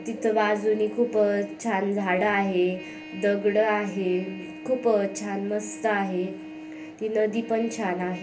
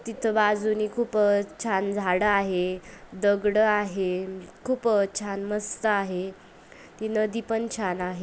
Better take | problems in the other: second | background sound (Trumpet); 15 dB below the speech // room echo; dies away in 0.3 s

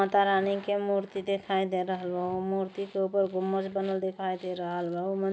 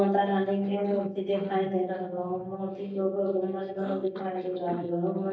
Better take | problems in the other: first | noise reduction (neural mask model DeepFilterNet 3)

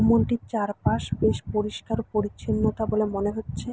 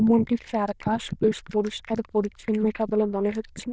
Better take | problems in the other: first | noise reduction (neural diffusion model UNIVERSE++)

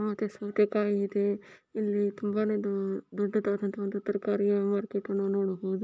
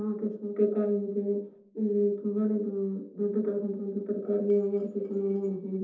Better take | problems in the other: first | noise reduction (neural separator model SepFormer DNS4)

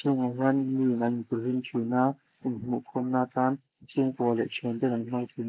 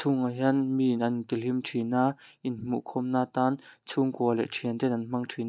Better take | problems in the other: second | noise reduction (neural mask model Resemble Enhance denoiser)

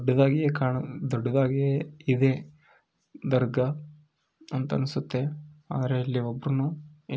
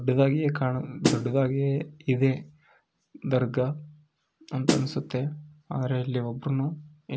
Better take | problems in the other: first | background sound (Snare drum); as loud as the speech

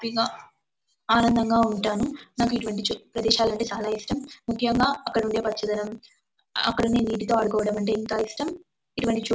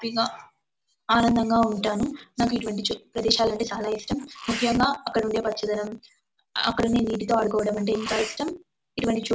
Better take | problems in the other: first | background sound (Sneeze); 14 dB below the speech

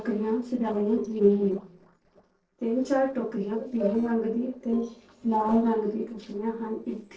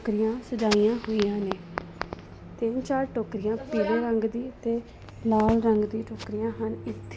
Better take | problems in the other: second | noise reduction (neural separator model SepFormer DNS4)

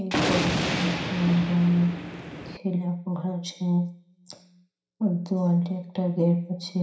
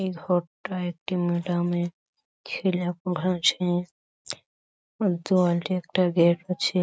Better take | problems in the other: second | background sound (Thunder); 2 dB below the speech // room echo; dies away in 0.5 s

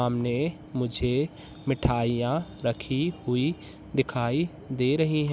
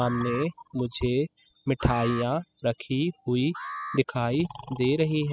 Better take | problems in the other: first | noise reduction (classical method spectral subtraction)

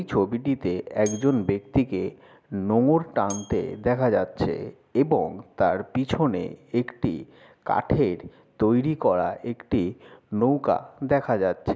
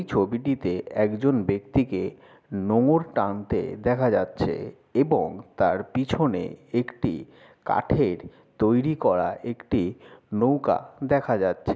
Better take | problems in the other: second | background sound (Bell); 20 dB below the speech

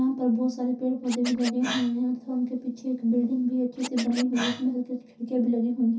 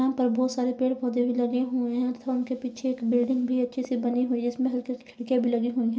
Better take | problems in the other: second | background sound (Scratching (performance technique)); 14 dB below the speech // room echo; dies away in 0.3 s

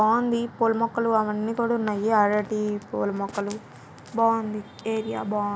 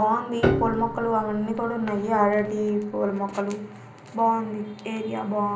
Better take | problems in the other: first | background sound (Piano); 5 dB below the speech // room echo; dies away in 0.5 s

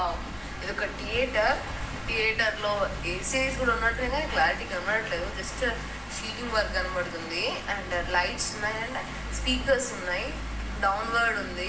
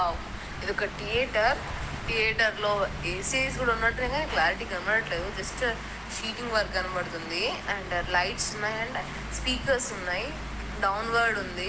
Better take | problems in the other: second | background sound (Train); 19 dB below the speech // room echo; dies away in 1.6 s

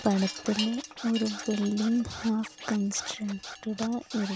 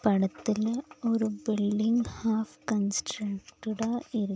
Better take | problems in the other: second | background sound (Scratching (performance technique) + Wind chime); 11 dB below the speech

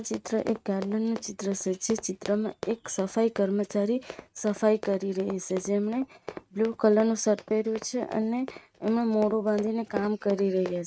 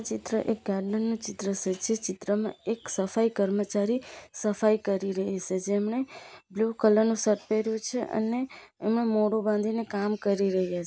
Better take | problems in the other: second | noise reduction (neural mask model RNNoise)

